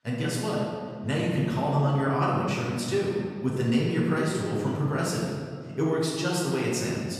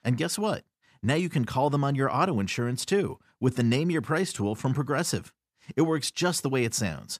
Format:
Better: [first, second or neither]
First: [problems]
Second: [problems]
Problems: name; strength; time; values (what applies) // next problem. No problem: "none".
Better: second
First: off-mic speech; far // room echo; noticeable; dies away in 1.8 s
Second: none